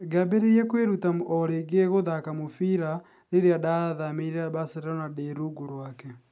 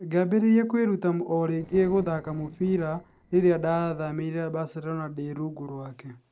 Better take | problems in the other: first | noise reduction (neural separator model SepFormer DNS4)

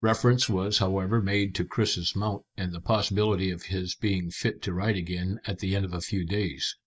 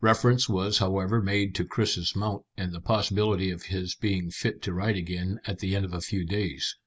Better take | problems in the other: second | noise reduction (neural mask model DeepFilterNet 3)

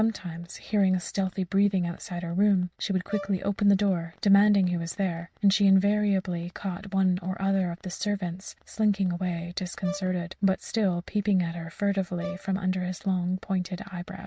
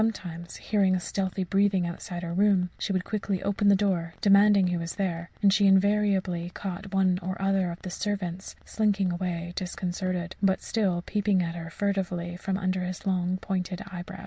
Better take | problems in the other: second | noise reduction (neural mask model RNNoise)

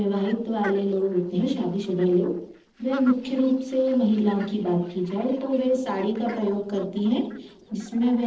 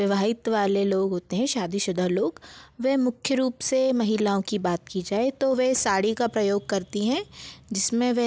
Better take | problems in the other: second | noise reduction (neural separator model SepFormer DNS4)

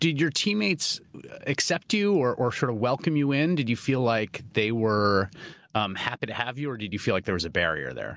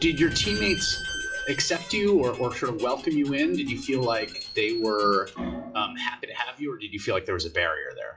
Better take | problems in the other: first | noise reduction (classical method WPE with log-MMSE)

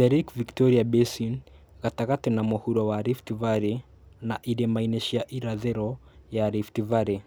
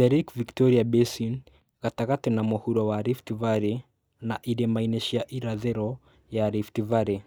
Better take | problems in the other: first | noise reduction (neural mask model DeepFilterNet 3)

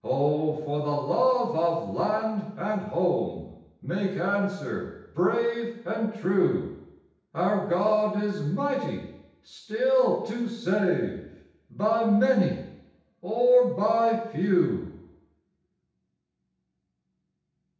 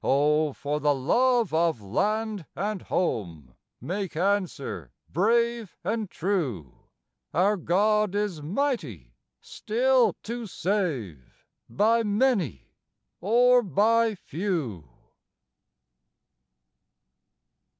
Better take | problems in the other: second | room echo; dies away in 0.9 s

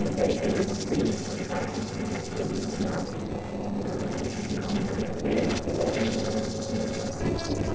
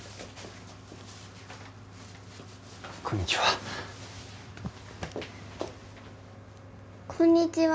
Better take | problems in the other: second | noise reduction (neural separator model SepFormer DNS4)

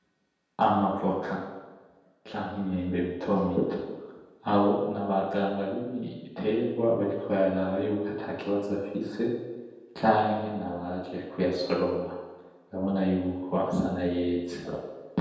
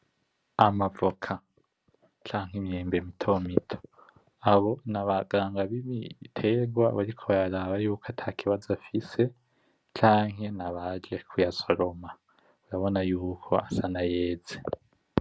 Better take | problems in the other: second | room echo; dies away in 1.1 s

